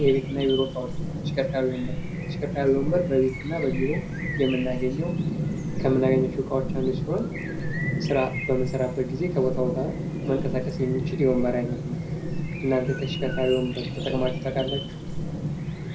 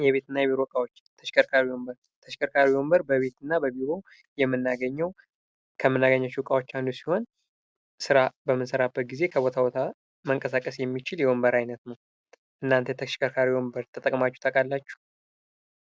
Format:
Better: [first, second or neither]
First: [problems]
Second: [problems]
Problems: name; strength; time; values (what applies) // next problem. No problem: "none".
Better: second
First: background sound (Chirp, tweet); 2 dB below the speech // room echo; dies away in 0.4 s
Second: none